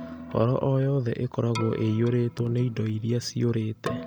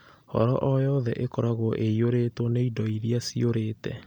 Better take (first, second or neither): second